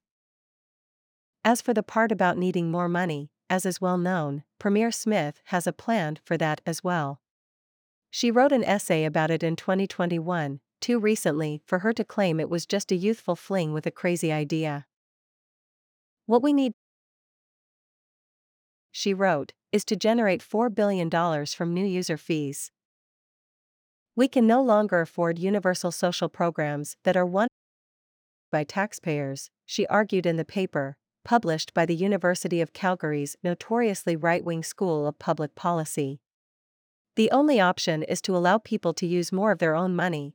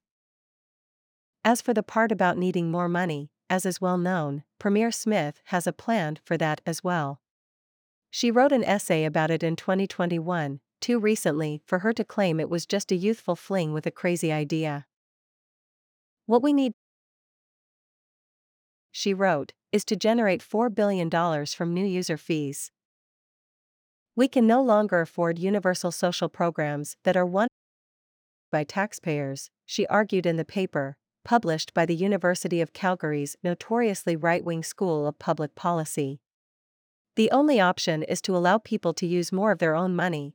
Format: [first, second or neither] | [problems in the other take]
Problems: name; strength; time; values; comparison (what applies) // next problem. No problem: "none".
neither | audio cutting out; at 17 s for 2 s and at 27 s for 1 s; the same in both